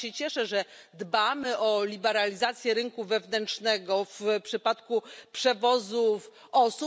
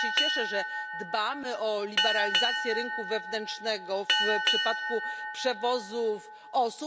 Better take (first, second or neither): first